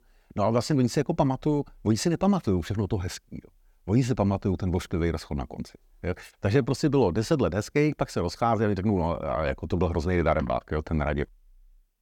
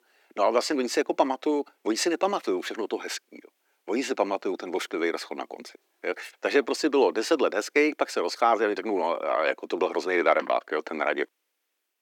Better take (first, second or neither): first